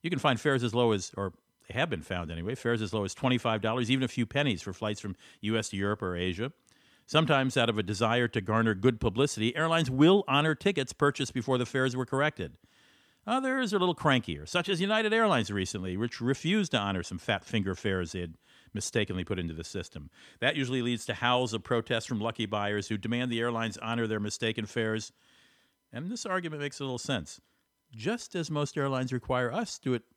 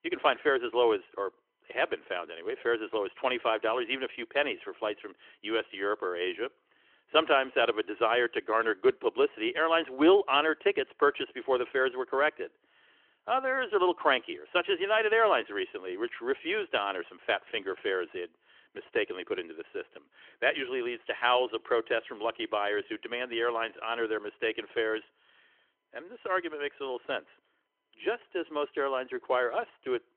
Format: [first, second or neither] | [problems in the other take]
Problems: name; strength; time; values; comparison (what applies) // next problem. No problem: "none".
first | phone-call audio; nothing above 3.5 kHz